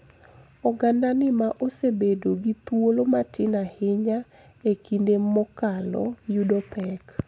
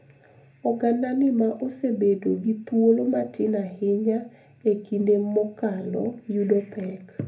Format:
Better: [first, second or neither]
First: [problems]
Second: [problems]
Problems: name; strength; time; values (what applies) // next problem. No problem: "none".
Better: first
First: none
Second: room echo; dies away in 0.3 s